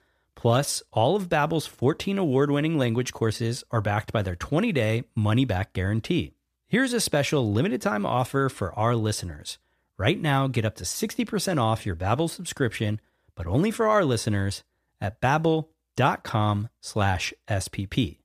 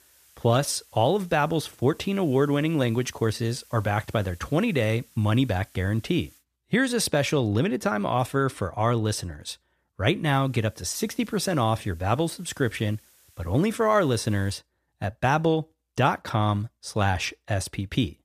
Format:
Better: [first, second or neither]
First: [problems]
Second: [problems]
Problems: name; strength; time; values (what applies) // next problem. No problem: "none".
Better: first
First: none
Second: hiss; faint; until 6.5 s and from 10 to 15 s; 30 dB below the speech